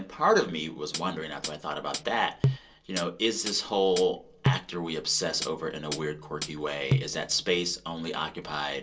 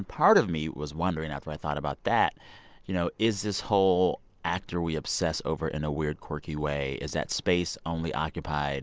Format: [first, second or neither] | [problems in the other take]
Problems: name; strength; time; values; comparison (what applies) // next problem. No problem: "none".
second | background sound (Hi-hat); 4 dB below the speech // room echo; dies away in 0.2 s